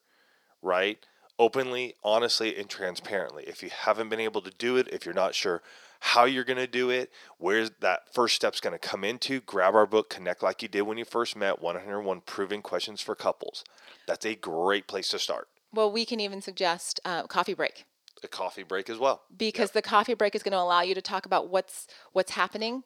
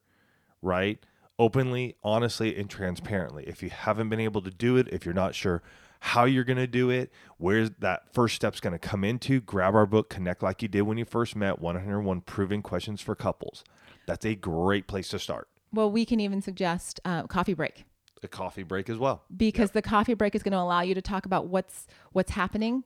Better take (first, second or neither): second